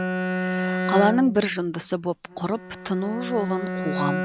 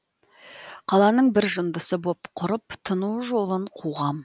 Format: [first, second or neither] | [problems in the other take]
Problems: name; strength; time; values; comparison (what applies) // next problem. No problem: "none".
second | background sound (Bowed string instrument); 3 dB below the speech